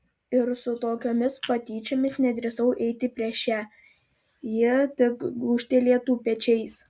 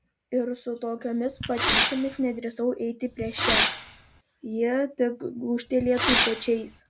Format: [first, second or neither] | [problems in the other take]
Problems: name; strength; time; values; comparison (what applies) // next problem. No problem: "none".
first | background sound (Fireworks); 1 dB above the speech